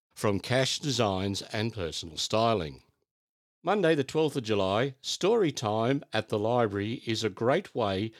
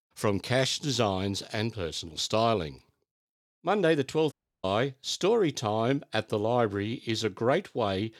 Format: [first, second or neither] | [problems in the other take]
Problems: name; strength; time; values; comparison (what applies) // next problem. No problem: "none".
first | audio cutting out; at 4.5 s